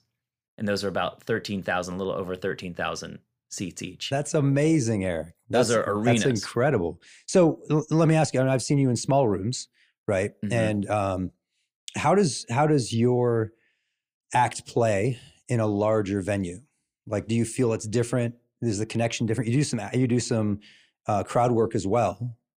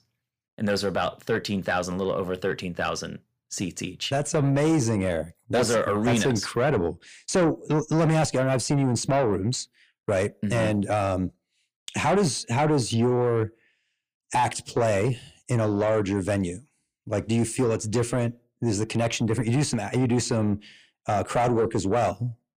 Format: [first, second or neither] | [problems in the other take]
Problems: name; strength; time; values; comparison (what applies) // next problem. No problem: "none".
first | distortion; slight; 10 dB below the speech